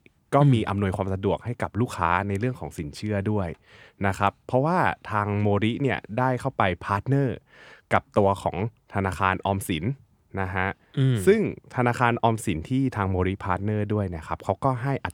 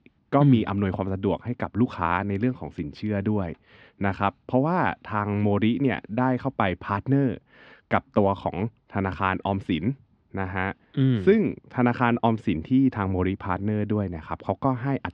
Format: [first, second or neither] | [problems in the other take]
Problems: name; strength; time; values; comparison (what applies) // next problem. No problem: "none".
first | muffled; slightly; fading above 4.5 kHz